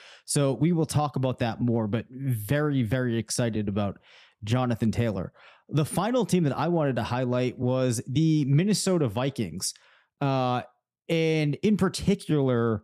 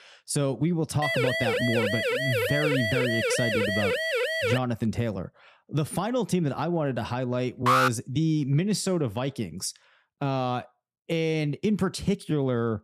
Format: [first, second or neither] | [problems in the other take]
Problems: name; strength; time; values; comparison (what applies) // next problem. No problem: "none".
first | siren; loud; from 1 to 4.5 s; peak 3 dB above the speech // alarm; loud; at 7.5 s; peak 6 dB above the speech